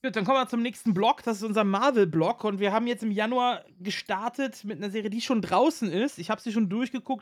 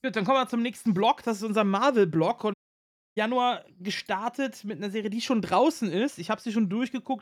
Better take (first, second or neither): first